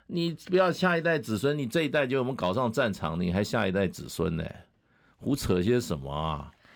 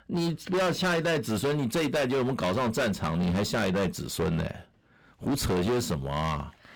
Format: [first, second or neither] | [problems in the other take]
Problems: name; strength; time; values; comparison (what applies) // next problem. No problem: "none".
first | distortion; heavy; 22% of the sound clipped